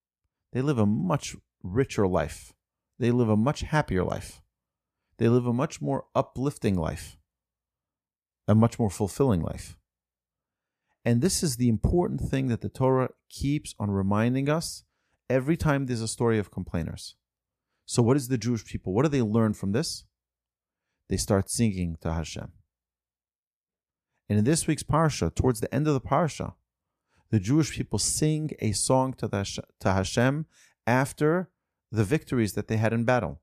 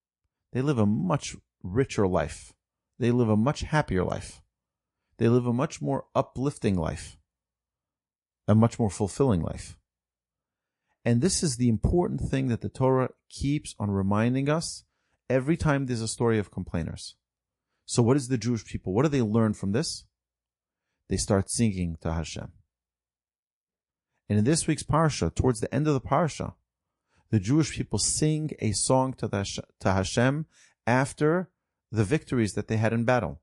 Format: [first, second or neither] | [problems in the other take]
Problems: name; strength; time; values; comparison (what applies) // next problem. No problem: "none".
first | garbled, watery; slightly; nothing above 9.5 kHz